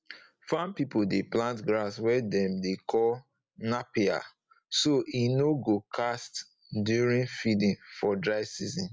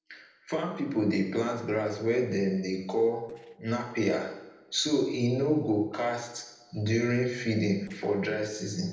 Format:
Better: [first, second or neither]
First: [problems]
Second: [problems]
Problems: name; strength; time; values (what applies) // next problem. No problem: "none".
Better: first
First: none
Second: noise reduction (neural separator model SepFormer DNS4)